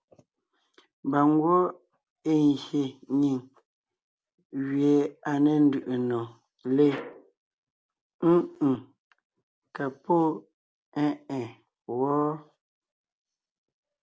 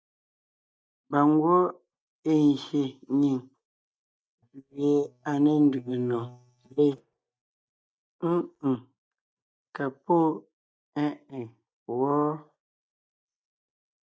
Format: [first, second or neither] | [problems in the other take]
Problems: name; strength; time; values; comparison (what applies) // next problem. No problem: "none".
first | noise reduction (neural mask model DeepFilterNet 3)